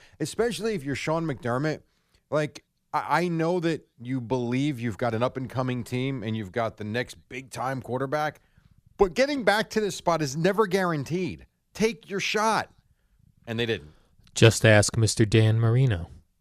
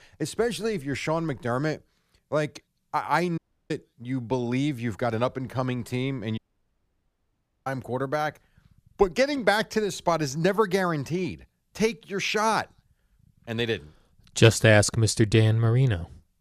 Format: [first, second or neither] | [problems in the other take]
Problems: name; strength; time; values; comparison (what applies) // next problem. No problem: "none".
first | audio cutting out; at 3.5 s and at 6.5 s for 1.5 s